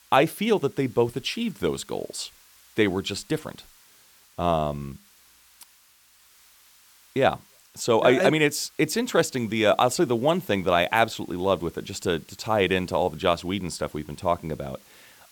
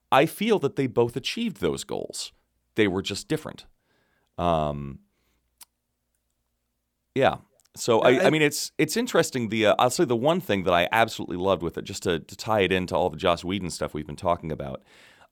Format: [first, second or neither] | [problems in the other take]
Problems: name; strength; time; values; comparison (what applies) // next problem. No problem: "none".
second | hiss; faint; throughout; 30 dB below the speech